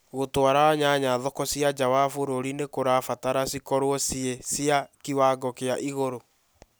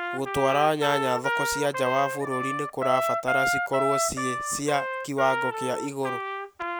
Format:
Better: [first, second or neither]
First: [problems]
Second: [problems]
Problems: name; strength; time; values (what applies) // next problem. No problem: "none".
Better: first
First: none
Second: background sound (Trumpet); 2 dB below the speech